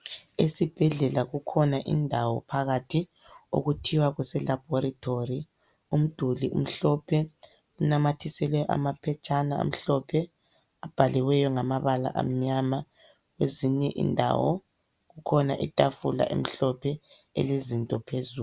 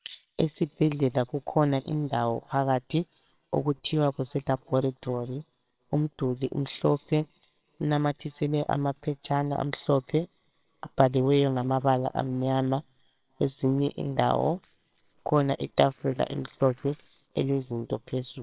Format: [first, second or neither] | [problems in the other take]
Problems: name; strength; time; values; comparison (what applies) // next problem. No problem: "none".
first | noise reduction (neural separator model SepFormer WHAMR!)